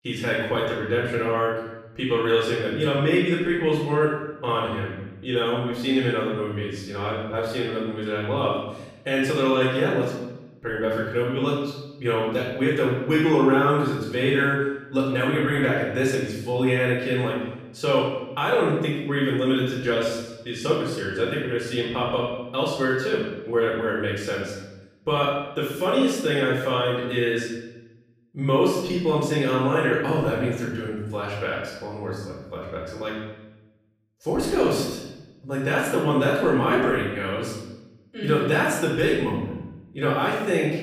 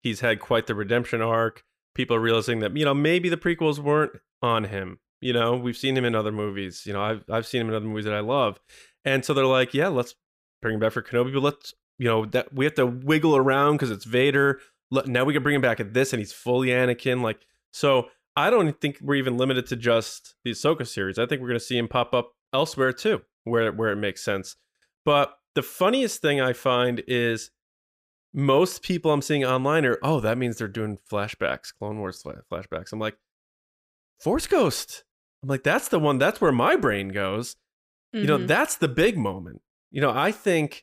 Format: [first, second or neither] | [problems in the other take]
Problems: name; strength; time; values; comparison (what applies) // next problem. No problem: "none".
second | off-mic speech; far // room echo; noticeable; dies away in 0.9 s